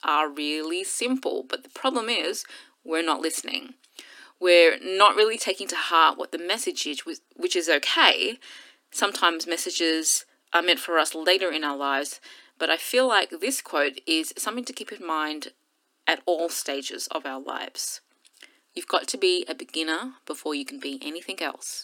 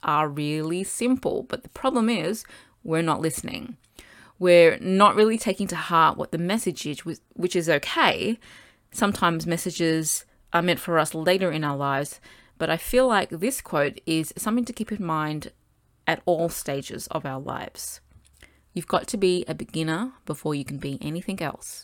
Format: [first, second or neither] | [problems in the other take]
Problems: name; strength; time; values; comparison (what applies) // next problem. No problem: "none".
second | thin; somewhat; fading below 250 Hz